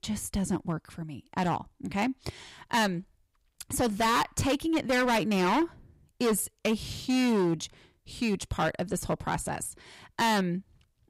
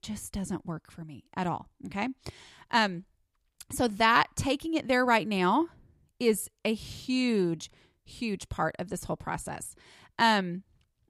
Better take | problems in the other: second | distortion; heavy; 10% of the sound clipped

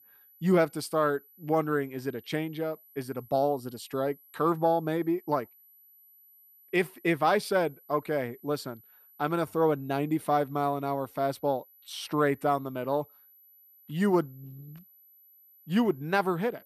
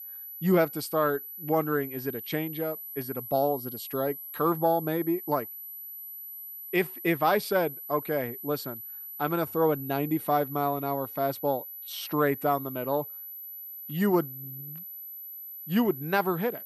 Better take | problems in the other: first | high-pitched whine; loud; throughout; 12 kHz, 10 dB below the speech; faint in the first

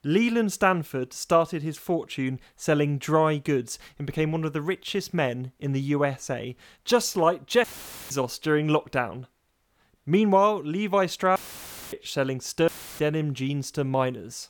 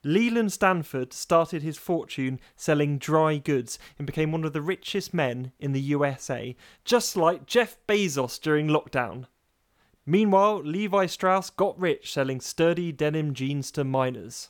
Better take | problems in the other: second | audio cutting out; filled with static; at 7.5 s, at 11 s for 0.5 s and at 13 s

